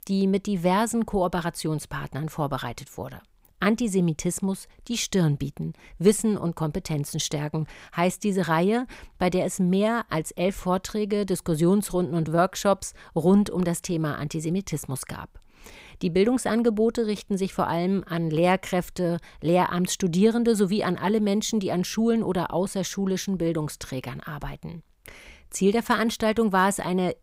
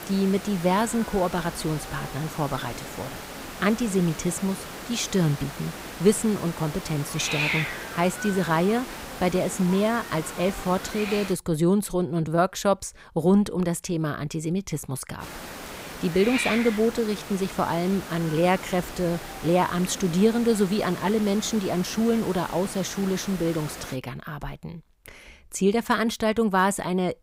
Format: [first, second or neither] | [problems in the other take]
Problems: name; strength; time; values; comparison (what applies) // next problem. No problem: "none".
first | hiss; loud; until 11 s and from 15 to 24 s; 9 dB below the speech